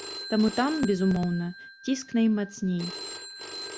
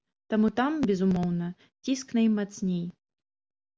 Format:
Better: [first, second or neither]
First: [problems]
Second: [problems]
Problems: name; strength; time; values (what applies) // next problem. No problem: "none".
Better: second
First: background sound (Telephone); 13 dB below the speech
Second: none